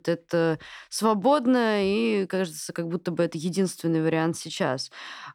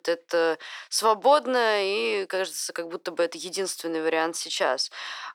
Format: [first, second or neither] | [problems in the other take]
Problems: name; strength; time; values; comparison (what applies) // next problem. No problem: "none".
first | thin; very; fading below 450 Hz